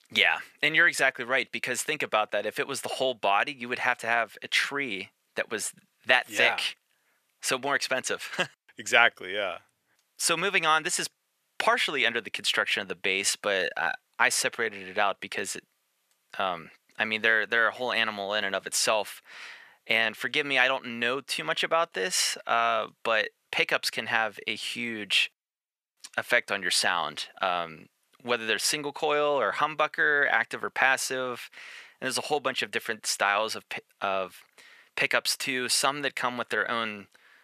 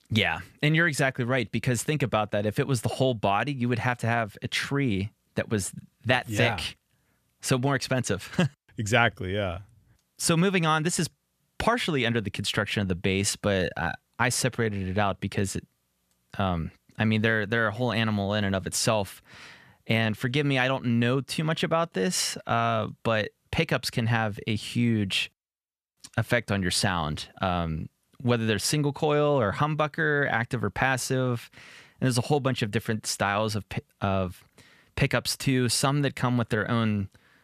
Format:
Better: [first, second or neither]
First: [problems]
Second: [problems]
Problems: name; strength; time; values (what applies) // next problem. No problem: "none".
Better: second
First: thin; very; fading below 500 Hz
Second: none